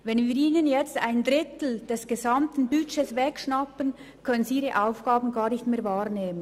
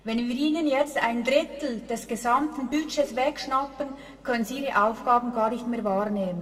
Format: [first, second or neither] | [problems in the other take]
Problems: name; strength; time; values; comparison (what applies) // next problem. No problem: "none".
first | room echo; dies away in 1.3 s